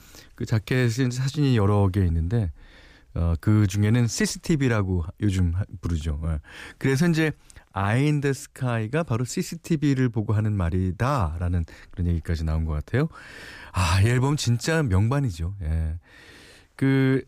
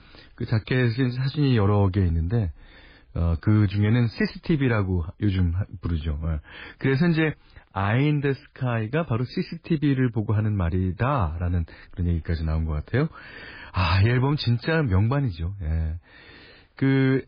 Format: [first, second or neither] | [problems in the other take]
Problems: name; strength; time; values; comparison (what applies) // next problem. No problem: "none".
first | garbled, watery; badly; nothing above 5 kHz